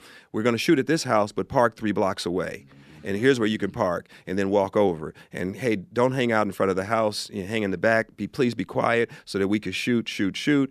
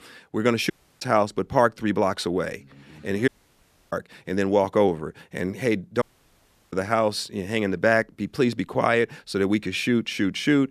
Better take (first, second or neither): first